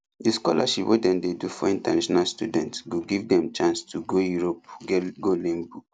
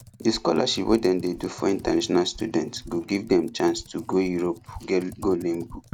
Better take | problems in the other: first | background sound (Computer keyboard + Walk, footsteps); 19 dB below the speech

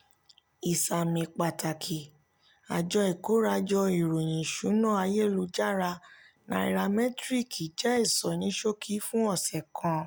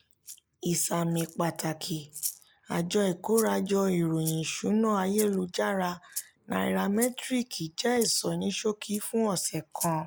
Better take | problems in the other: first | noise reduction (neural mask model Resemble Enhance denoiser)

